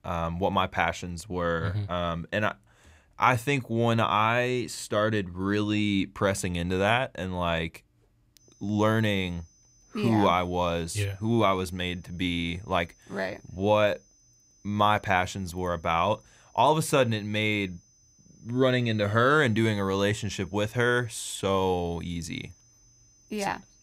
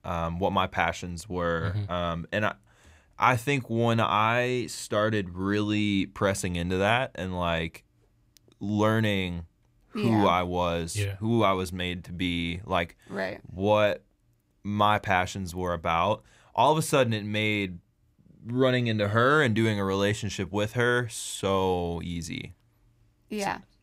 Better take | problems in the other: second | high-pitched whine; faint; from 8.5 s on; 6 kHz, 30 dB below the speech

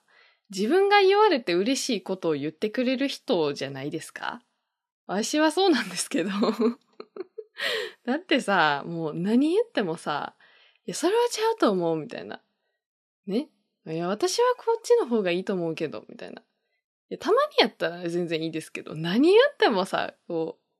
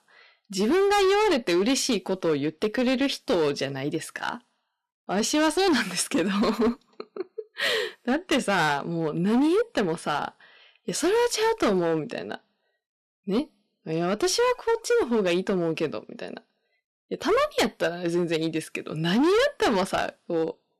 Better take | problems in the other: first | distortion; heavy; 11% of the sound clipped

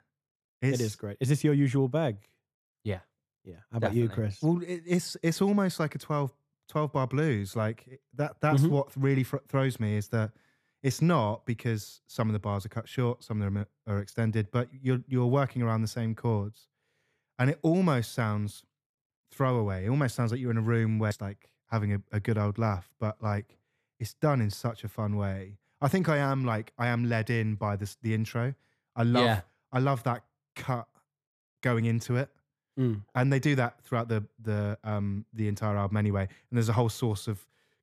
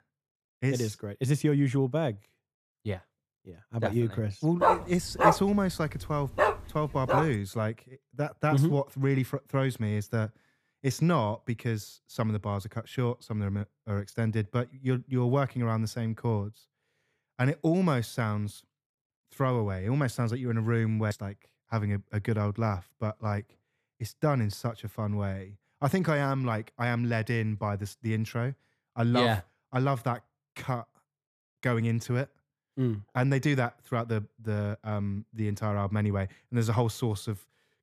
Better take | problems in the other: first | dog barking; loud; from 4.5 to 7 s; peak 6 dB above the speech

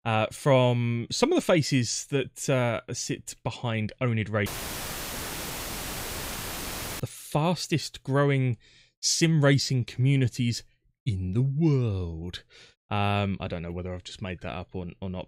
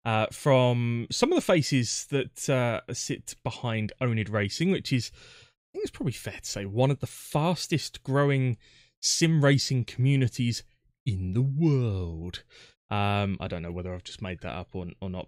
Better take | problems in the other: second | audio cutting out; filled with static; at 4.5 s for 2.5 s

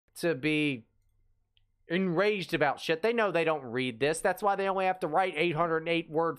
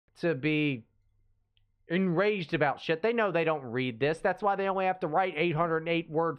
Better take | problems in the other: first | muffled; very slightly; fading above 3.5 kHz

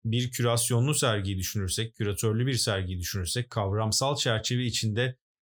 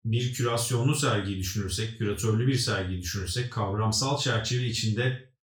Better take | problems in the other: first | room echo; slight; dies away in 0.3 s // off-mic speech; far

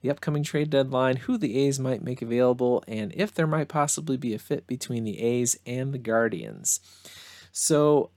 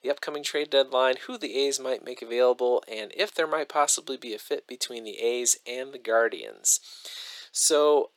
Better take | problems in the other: first | thin; very; fading below 400 Hz

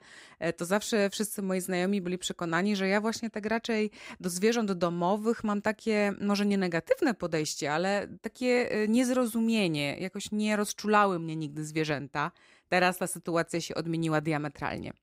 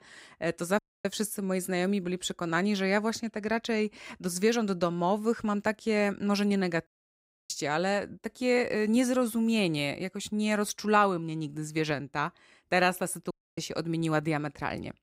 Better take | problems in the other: first | audio cutting out; at 1 s, at 7 s for 0.5 s and at 13 s

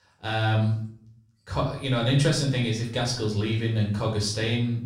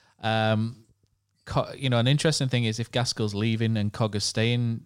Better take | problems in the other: second | room echo; slight; dies away in 0.5 s // off-mic speech; far

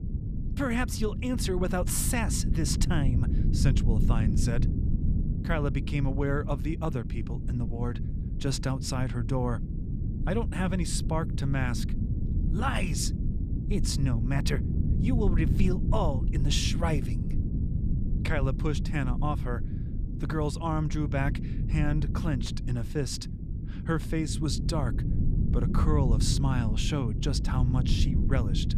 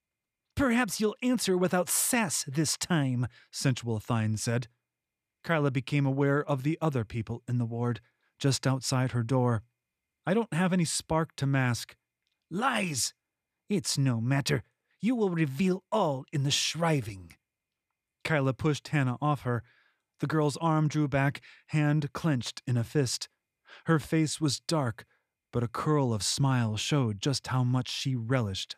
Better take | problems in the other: second | low rumble; loud; throughout; 8 dB below the speech

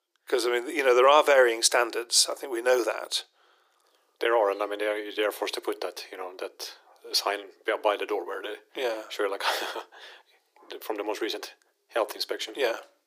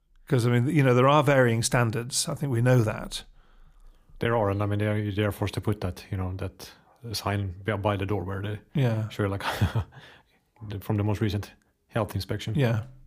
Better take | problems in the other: second | thin; very; fading below 350 Hz

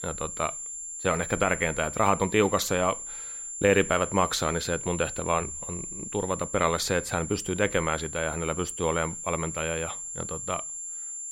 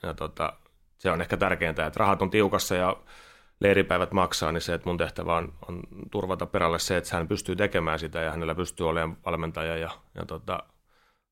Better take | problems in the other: second | high-pitched whine; loud; throughout; 7.5 kHz, 7 dB below the speech

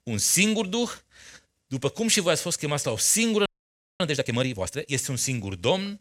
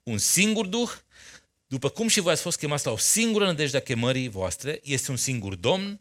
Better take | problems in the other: second | audio freezing; at 3.5 s for 0.5 s

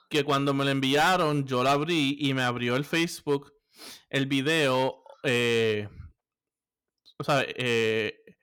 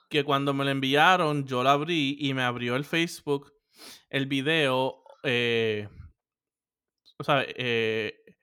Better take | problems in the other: second | distortion; slight; 5% of the sound clipped

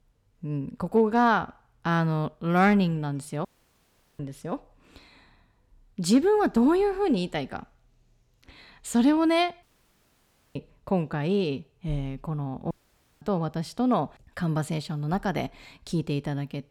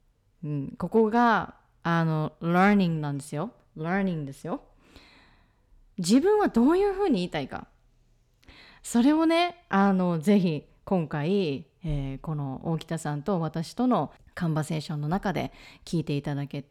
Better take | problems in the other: second | audio cutting out; at 3.5 s for 0.5 s, at 9.5 s for 1 s and at 13 s for 0.5 s

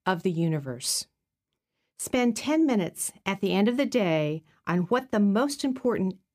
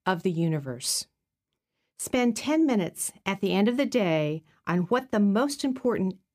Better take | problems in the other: neither | none

